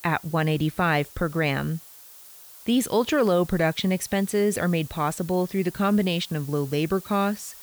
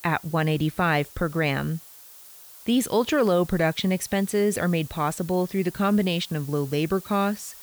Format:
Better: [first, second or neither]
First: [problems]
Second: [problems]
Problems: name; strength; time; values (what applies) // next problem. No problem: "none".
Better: neither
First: hiss; noticeable; throughout; 15 dB below the speech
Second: hiss; noticeable; throughout; 15 dB below the speech